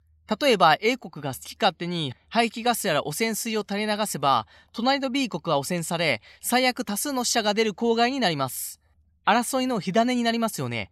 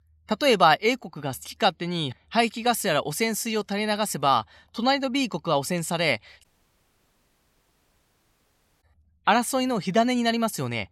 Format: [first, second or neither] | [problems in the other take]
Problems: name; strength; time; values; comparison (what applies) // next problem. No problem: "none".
first | audio cutting out; at 6.5 s for 2.5 s